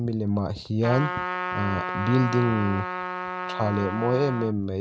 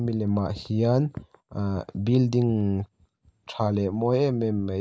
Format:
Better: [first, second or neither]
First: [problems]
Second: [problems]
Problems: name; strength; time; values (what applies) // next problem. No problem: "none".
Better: second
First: background sound (Trumpet); 6 dB below the speech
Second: none